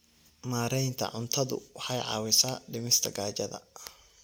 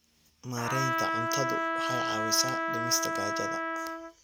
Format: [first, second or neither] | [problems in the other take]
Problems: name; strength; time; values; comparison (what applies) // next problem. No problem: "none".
first | background sound (Trumpet); 3 dB above the speech